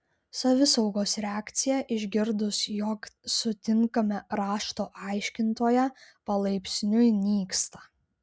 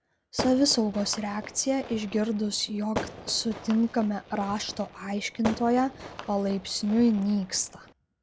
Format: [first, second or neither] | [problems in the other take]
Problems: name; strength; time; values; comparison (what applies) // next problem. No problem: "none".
first | background sound (Fireworks); 12 dB below the speech